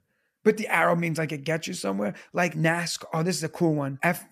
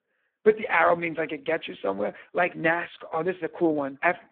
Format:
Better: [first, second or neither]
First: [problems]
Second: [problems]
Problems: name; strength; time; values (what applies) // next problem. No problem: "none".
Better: first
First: none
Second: phone-call audio; poor line